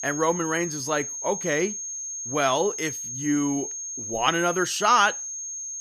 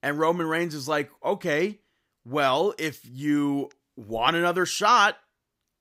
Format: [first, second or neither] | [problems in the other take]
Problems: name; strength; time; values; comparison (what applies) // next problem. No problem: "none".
second | high-pitched whine; loud; throughout; 6.5 kHz, 6 dB below the speech